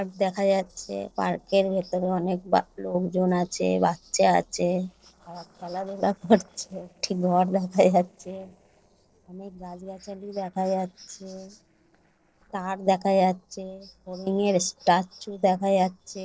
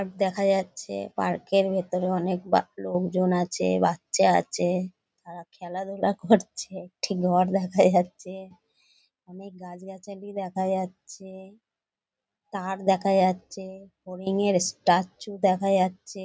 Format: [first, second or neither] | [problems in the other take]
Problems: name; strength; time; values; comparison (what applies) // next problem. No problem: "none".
second | noise reduction (neural separator model SepFormer DNS4)